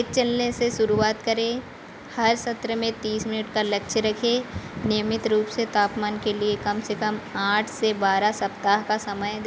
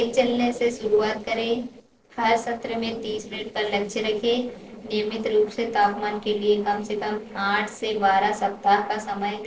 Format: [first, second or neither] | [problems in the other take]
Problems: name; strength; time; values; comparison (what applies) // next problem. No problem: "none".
first | noise reduction (neural separator model SepFormer DNS4)